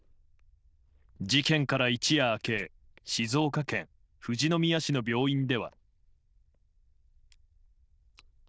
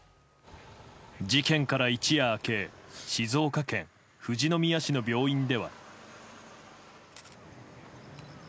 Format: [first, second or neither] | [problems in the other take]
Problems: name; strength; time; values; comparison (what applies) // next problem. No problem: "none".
second | noise reduction (neural diffusion model UNIVERSE++)